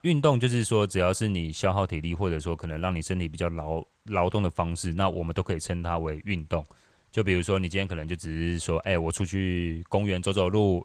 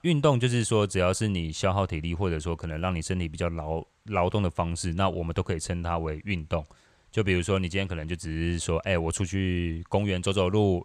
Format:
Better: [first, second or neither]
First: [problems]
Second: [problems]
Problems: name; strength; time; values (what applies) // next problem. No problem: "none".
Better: second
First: garbled, watery; slightly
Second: none